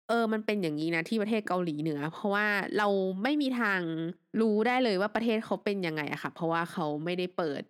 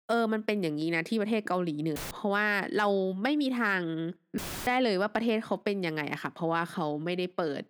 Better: first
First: none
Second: audio cutting out; filled with static; at 2 s and at 4.5 s

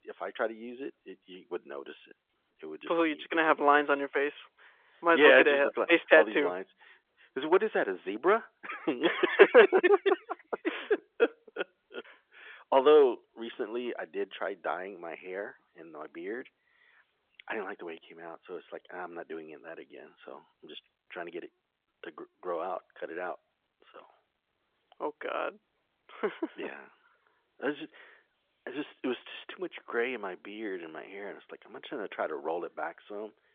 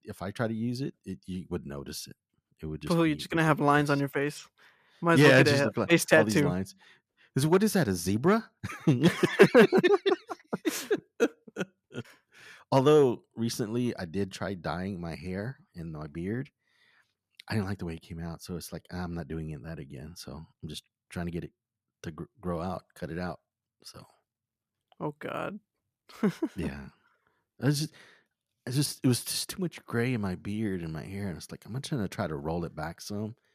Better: second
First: phone-call audio; nothing above 3.5 kHz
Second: none

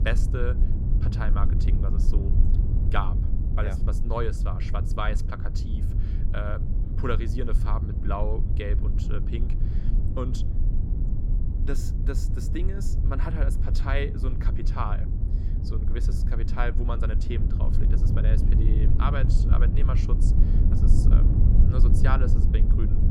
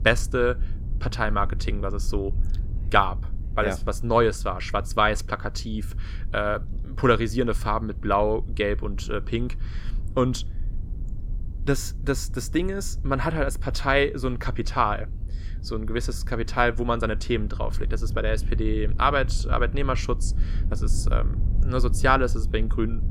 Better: second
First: low rumble; loud; throughout; 5 dB below the speech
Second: low rumble; faint; throughout; 25 dB below the speech

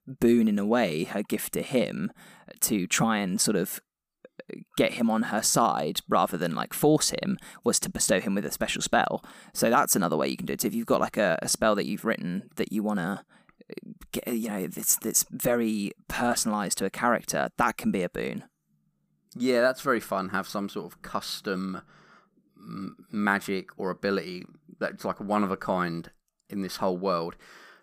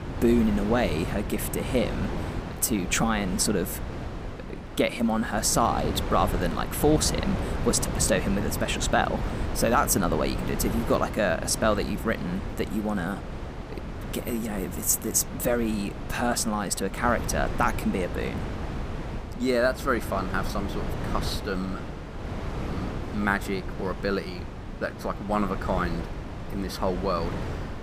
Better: first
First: none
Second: wind noise on the microphone; heavy; 10 dB below the speech

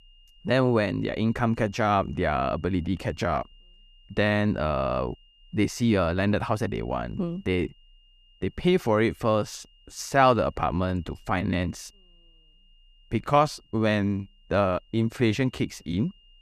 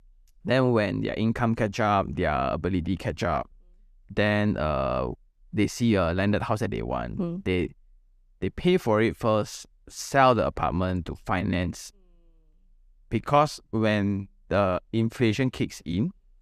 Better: second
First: high-pitched whine; faint; throughout; 3 kHz, 30 dB below the speech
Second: none

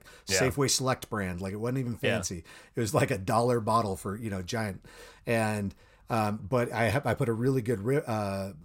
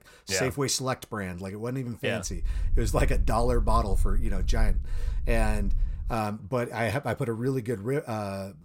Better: first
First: none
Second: low rumble; faint; from 2.5 to 6 s; 20 dB below the speech

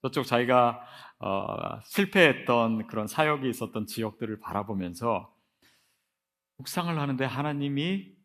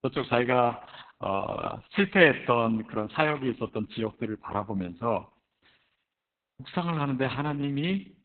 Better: first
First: none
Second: garbled, watery; badly; nothing above 4 kHz

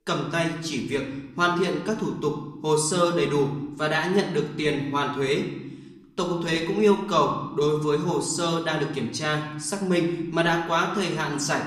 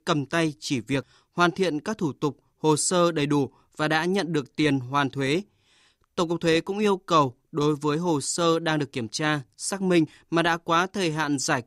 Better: second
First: room echo; slight; dies away in 0.8 s // off-mic speech; far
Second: none

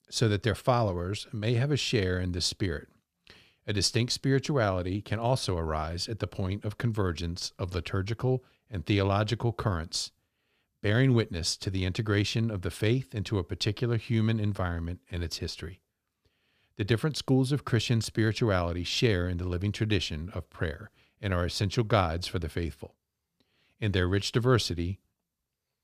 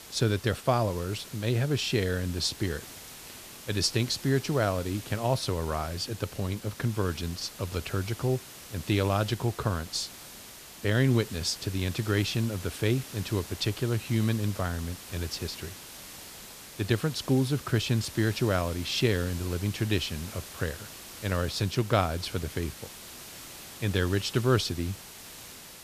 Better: first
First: none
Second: hiss; noticeable; throughout; 15 dB below the speech

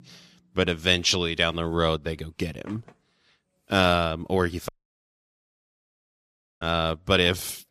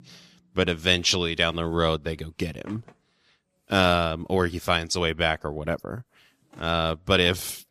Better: second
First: audio cutting out; at 4.5 s for 2 s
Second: none

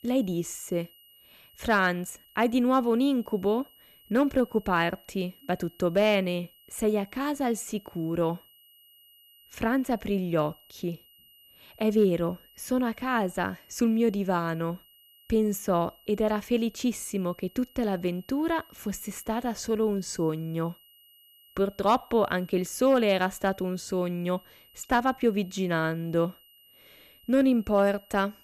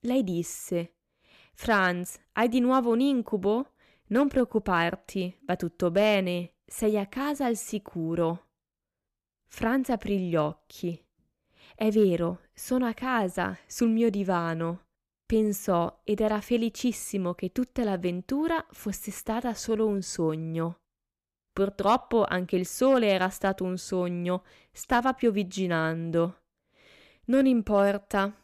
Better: second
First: high-pitched whine; faint; throughout; 3 kHz, 25 dB below the speech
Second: none

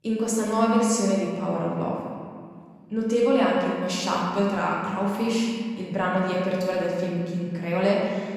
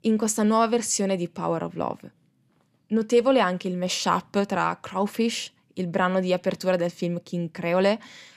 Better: second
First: room echo; noticeable; dies away in 1.9 s // off-mic speech; far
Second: none

